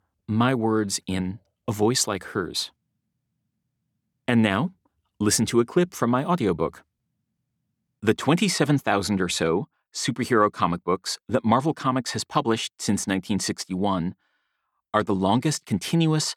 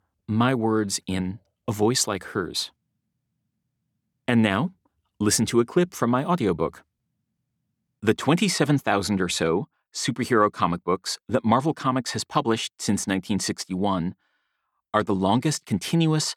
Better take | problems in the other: neither | none

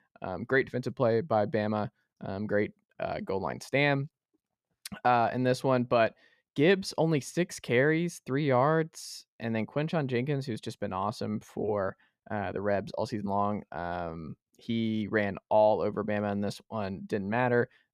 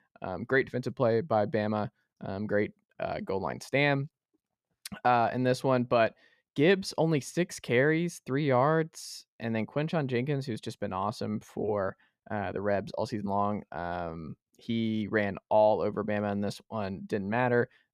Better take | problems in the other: neither | none

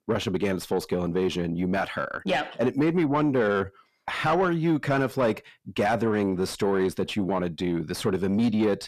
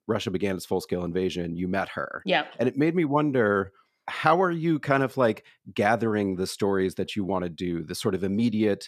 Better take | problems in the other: second | distortion; slight; 10 dB below the speech

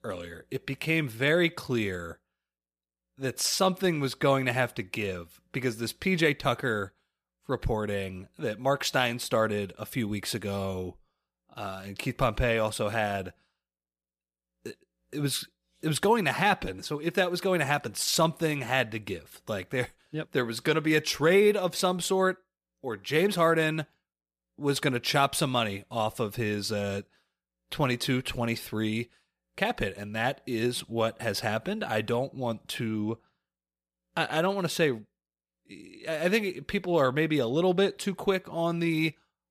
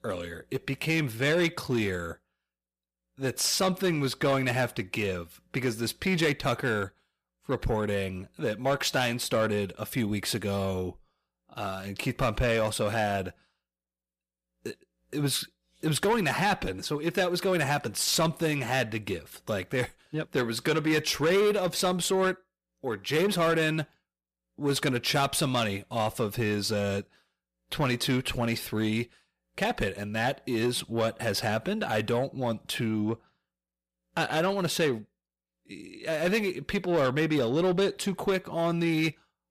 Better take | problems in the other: first | distortion; slight; 10 dB below the speech

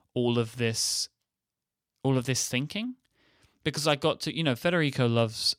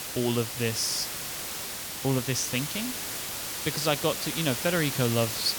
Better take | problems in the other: first | hiss; loud; throughout; 3 dB below the speech

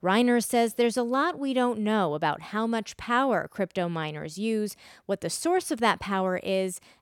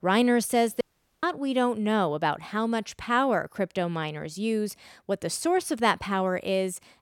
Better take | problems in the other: first | audio cutting out; at 1 s

